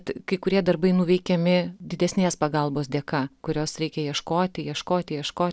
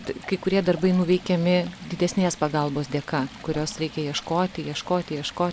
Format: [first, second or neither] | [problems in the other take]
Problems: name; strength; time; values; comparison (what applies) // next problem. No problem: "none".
first | background sound (Stream); 18 dB below the speech